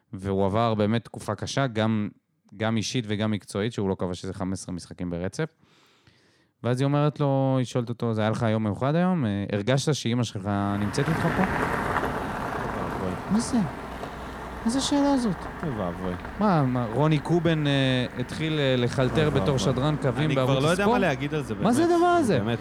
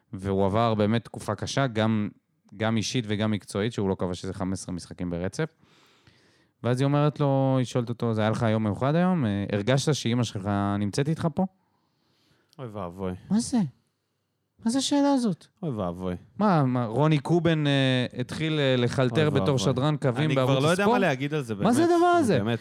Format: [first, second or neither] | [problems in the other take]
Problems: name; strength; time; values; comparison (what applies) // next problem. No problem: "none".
second | traffic noise; loud; from 11 s on; 8 dB below the speech